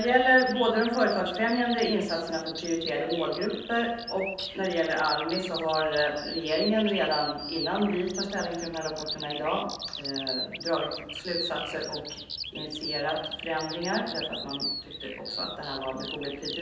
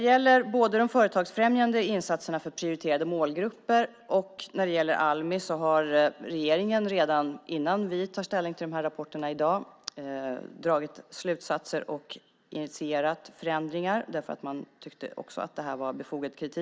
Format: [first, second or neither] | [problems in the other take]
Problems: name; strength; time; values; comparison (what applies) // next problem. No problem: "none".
second | background sound (Bird vocalization, bird call, bird song); 9 dB below the speech // room echo; dies away in 0.9 s